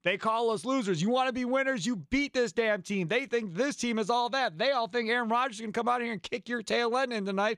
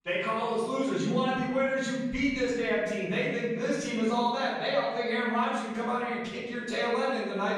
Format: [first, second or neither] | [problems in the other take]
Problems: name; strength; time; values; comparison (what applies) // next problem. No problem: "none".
first | room echo; strong; dies away in 1.2 s // off-mic speech; far